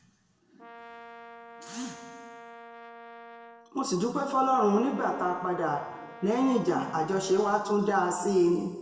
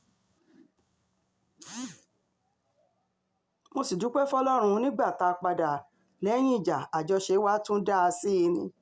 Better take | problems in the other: second | background sound (Brass instrument); 18 dB below the speech // room echo; dies away in 1.3 s

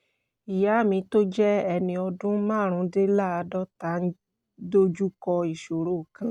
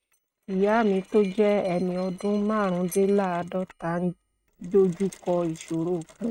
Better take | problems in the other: first | noise reduction (neural mask model RNNoise)

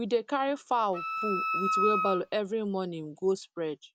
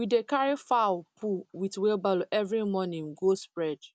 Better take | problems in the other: second | background sound (Wind instrument, woodwind instrument); as loud as the speech

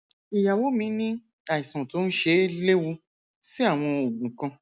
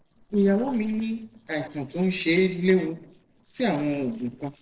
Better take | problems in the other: first | noise reduction (neural separator model SepFormer DNS4)

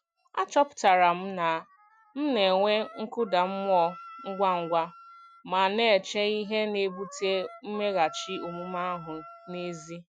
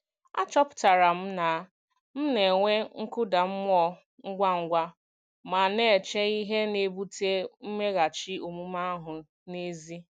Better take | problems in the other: second | noise reduction (classical method Wiener filter)

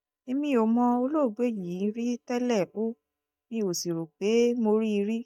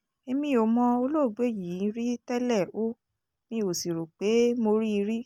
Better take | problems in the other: second | noise reduction (neural mask model DeepFilterNet 3)

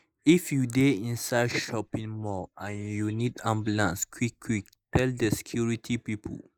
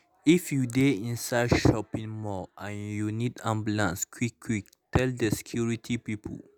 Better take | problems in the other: second | noise reduction (neural mask model Resemble Enhance denoiser)

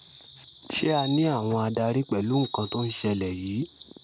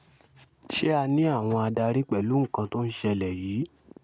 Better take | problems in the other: second | background sound (Bird vocalization, bird call, bird song); 15 dB below the speech

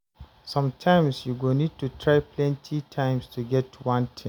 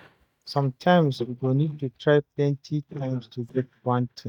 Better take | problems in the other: first | noise reduction (neural mask model DeepFilterNet 3)

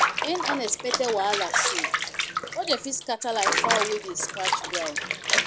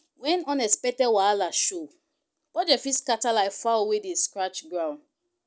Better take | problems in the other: second | background sound (Bathtub (filling or washing) / Water); 2 dB above the speech

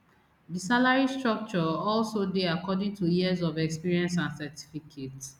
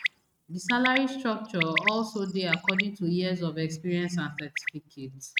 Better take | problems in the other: first | noise reduction (neural mask model RNNoise)

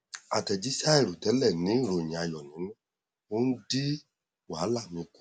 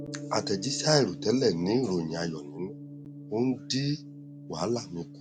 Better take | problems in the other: first | background sound (Gong); 12 dB below the speech

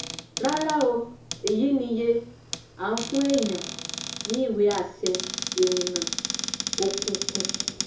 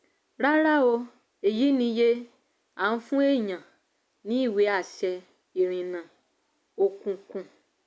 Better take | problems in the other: second | background sound (Cupboard open or close); 6 dB below the speech // room echo; dies away in 0.6 s

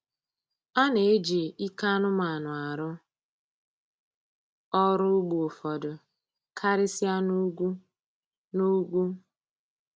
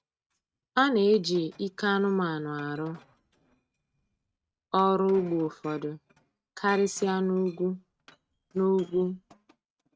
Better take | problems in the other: first | noise reduction (neural mask model RNNoise)

